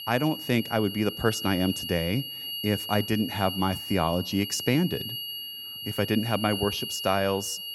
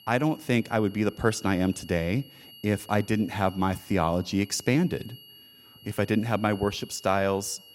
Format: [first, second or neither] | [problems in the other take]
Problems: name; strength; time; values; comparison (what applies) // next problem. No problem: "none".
second | high-pitched whine; loud; throughout; 3 kHz, 6 dB below the speech; faint in the second